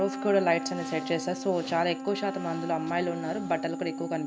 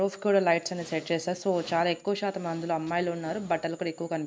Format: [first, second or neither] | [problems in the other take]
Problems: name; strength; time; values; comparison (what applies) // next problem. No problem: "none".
second | background sound (Wind instrument, woodwind instrument); 8 dB below the speech